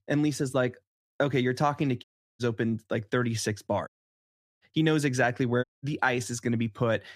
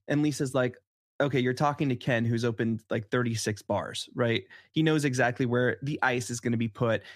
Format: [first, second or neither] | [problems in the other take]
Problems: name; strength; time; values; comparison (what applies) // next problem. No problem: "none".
second | audio cutting out; at 2 s, at 4 s for 0.5 s and at 5.5 s